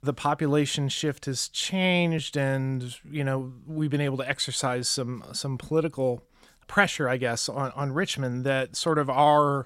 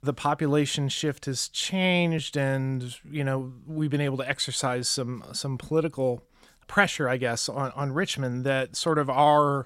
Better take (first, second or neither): neither